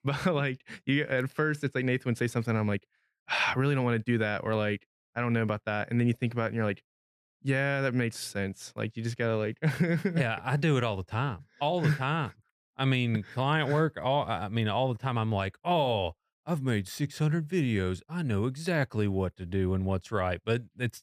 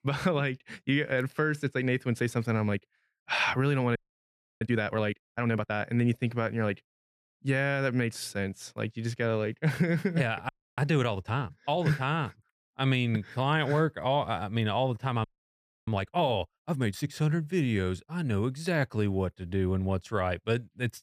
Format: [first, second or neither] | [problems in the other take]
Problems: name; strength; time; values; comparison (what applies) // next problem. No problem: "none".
first | audio freezing; at 4 s for 0.5 s, at 10 s and at 15 s for 0.5 s